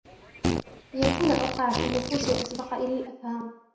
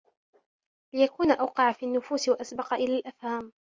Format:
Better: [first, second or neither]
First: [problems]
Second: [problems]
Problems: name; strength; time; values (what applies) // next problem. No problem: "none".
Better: second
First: background sound (Fart); 2 dB below the speech // room echo; dies away in 0.6 s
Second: none